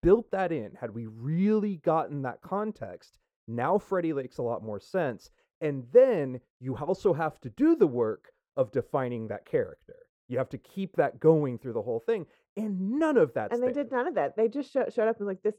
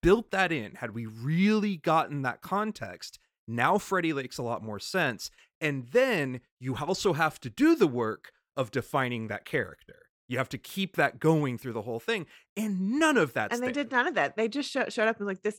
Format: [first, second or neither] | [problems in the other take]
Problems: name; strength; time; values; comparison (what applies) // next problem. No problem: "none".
second | muffled; very; fading above 1.5 kHz